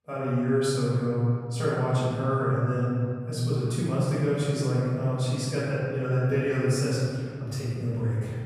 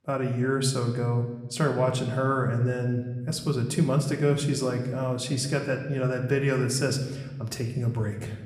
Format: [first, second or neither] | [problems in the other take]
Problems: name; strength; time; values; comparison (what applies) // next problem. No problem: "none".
second | room echo; strong; dies away in 2.1 s; slight in the second // off-mic speech; far